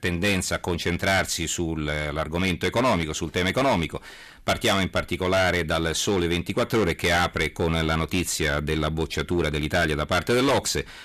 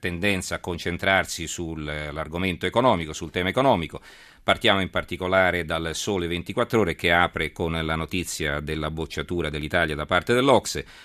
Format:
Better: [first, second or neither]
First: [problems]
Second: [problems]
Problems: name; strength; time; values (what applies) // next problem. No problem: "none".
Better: second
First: distortion; heavy; 11% of the sound clipped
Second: none